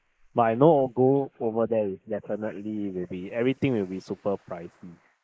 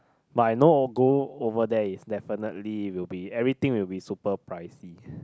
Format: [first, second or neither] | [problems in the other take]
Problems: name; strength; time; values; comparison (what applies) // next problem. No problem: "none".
second | noise reduction (neural mask model Resemble Enhance denoiser)